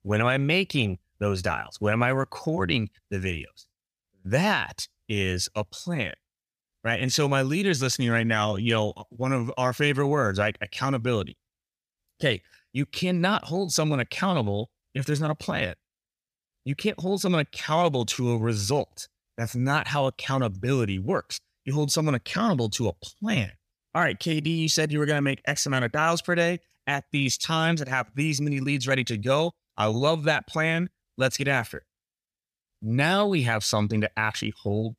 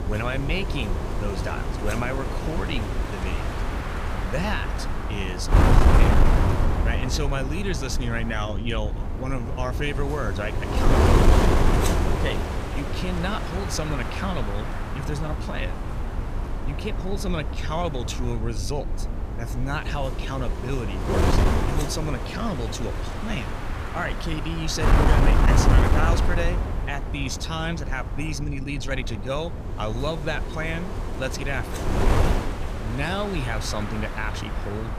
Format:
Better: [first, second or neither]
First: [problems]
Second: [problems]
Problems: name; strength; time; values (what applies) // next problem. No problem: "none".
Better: first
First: none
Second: wind noise on the microphone; heavy; as loud as the speech